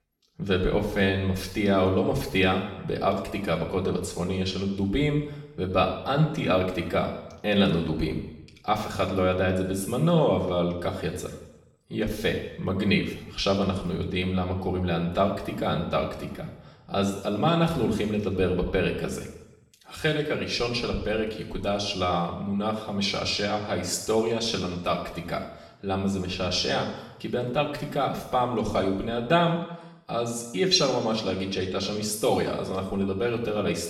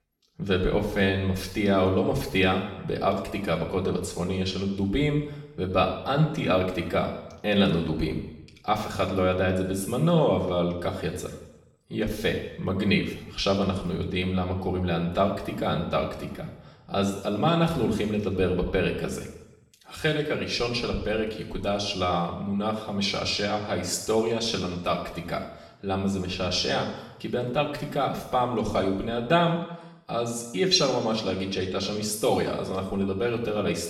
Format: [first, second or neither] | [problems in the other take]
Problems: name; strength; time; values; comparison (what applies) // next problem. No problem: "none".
neither | room echo; noticeable; dies away in 0.8 s; the same in both // off-mic speech; far; the same in both